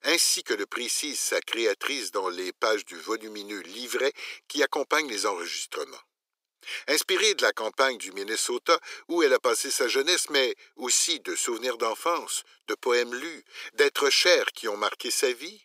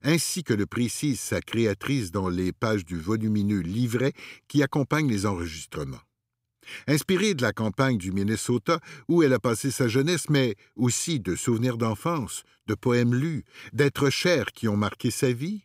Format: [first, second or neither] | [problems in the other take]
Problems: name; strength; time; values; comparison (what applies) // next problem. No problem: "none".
second | thin; very; fading below 400 Hz